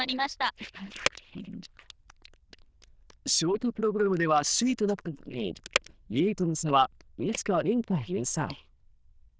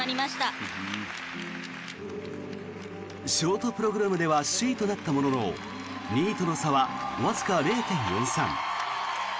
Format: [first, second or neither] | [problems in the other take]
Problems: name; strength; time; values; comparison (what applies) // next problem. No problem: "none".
second | noise reduction (neural diffusion model UNIVERSE++)